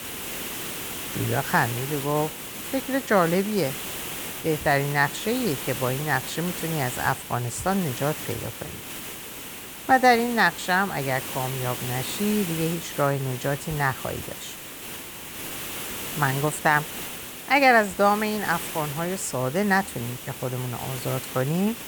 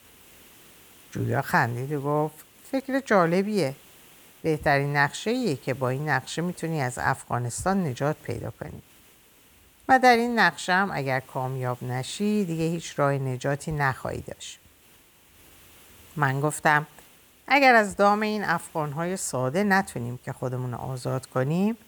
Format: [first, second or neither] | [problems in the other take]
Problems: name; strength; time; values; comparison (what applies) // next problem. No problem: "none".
second | hiss; loud; throughout; 8 dB below the speech; faint in the second